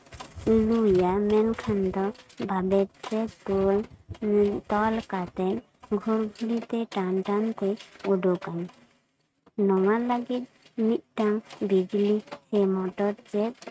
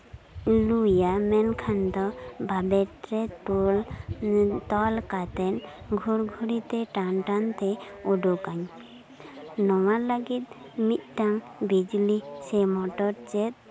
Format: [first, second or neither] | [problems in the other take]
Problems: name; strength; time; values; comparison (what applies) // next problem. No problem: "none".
second | noise reduction (neural mask model RNNoise)